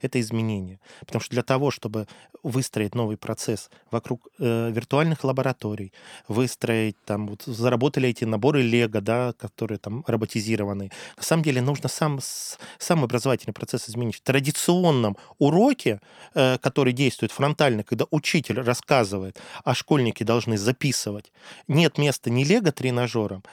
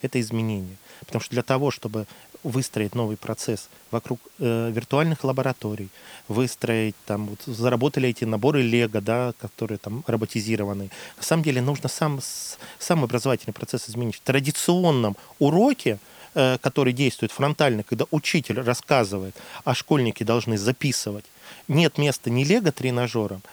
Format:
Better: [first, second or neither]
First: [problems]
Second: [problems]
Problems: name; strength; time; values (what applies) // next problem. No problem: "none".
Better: first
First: none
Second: hiss; faint; throughout; 25 dB below the speech